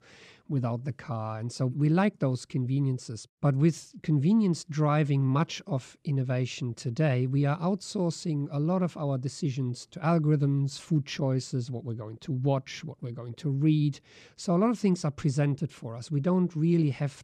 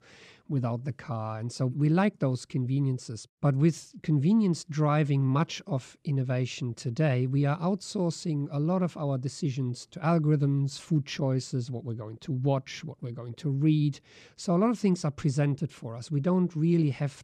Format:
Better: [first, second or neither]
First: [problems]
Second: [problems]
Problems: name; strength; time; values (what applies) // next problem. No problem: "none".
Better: neither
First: none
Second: none